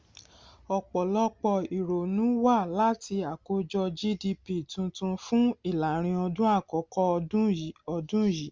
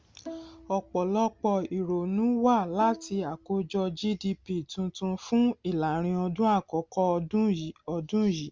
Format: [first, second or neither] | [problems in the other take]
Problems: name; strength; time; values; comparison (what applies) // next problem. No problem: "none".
first | background sound (Bowed string instrument); 20 dB below the speech